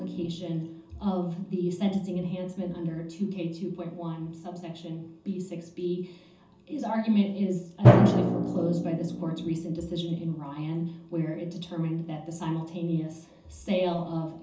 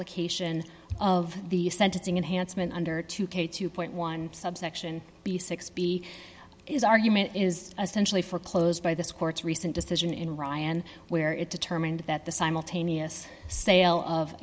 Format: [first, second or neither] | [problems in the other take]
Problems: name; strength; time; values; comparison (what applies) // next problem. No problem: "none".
second | background sound (Drum); 1 dB below the speech // room echo; dies away in 0.6 s